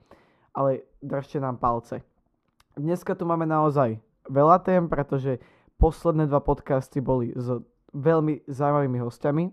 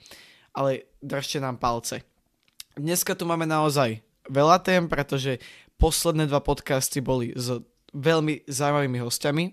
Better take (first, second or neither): second